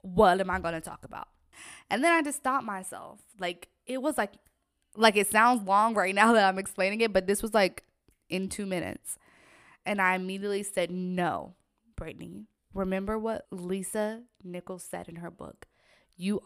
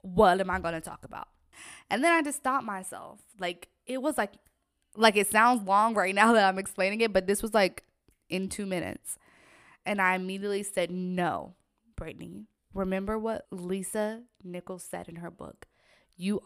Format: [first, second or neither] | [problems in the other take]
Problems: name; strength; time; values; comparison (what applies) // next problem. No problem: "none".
neither | none